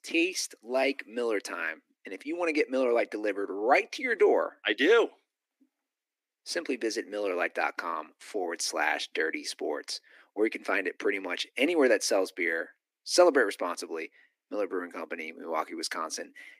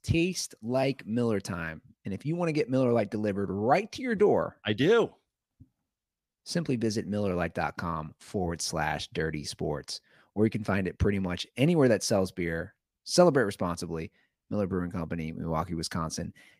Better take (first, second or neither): second